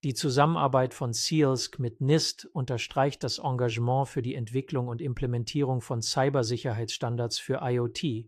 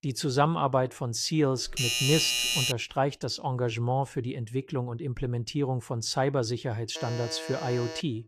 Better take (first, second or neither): first